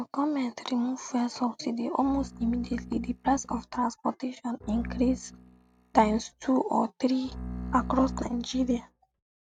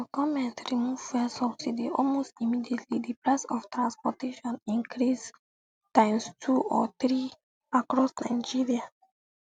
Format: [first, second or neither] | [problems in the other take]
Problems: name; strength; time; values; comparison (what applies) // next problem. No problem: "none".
second | noise reduction (neural mask model RNNoise)